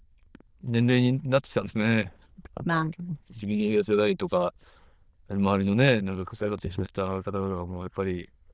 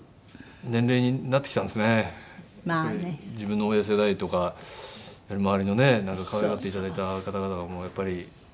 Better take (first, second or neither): second